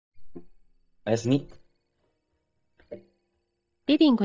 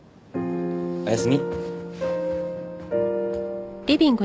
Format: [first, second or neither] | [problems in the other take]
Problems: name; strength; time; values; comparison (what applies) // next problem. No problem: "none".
second | noise reduction (neural mask model DeepFilterNet 3)